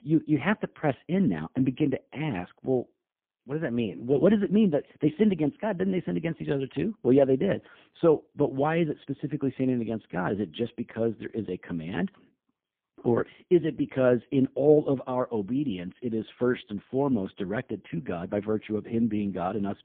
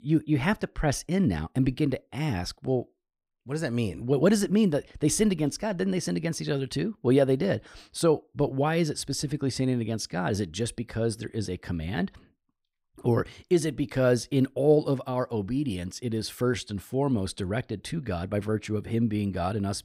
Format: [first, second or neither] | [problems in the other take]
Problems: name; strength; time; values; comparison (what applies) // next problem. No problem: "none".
second | phone-call audio; poor line